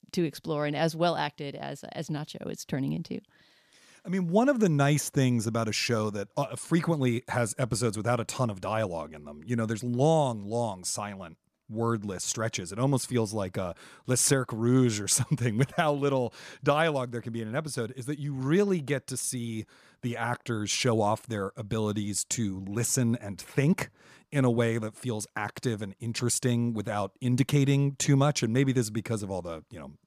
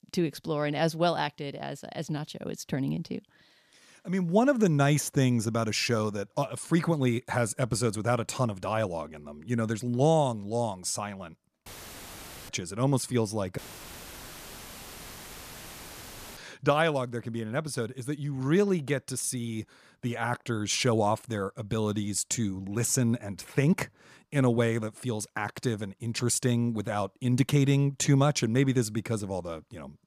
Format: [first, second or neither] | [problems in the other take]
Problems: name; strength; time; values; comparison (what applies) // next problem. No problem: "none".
first | audio cutting out; filled with static; at 12 s for 1 s and at 14 s for 3 s